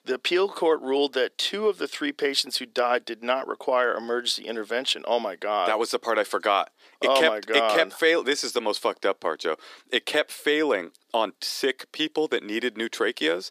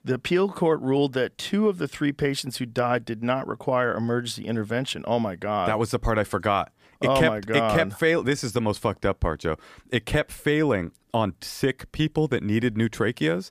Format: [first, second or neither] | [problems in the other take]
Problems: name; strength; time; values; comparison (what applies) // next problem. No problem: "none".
second | thin; somewhat; fading below 350 Hz